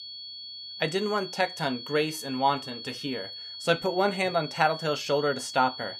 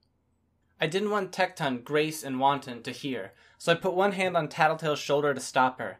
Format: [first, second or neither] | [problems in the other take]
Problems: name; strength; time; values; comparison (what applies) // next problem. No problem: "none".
second | high-pitched whine; loud; throughout; 4.5 kHz, 10 dB below the speech